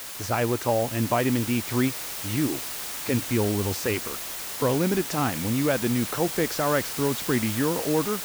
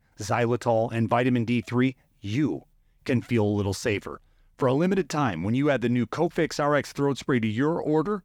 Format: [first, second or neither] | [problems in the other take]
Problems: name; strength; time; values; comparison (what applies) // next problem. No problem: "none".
second | hiss; loud; throughout; 5 dB below the speech